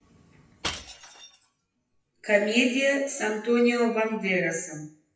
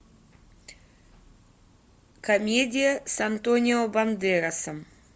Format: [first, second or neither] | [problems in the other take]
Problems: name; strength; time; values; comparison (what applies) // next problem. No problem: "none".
second | noise reduction (classical method WPE with log-MMSE)